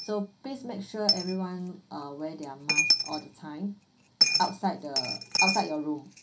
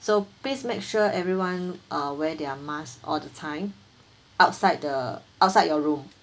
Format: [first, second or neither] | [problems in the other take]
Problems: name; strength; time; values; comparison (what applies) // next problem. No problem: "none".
second | background sound (Coin (dropping)); 3 dB above the speech // room echo; dies away in 0.3 s